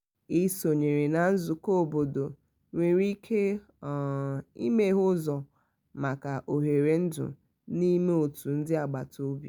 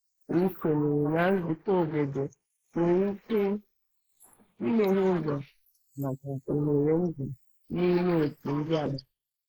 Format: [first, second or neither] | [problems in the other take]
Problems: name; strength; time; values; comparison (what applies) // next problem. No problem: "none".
first | noise reduction (neural mask model Resemble Enhance denoiser)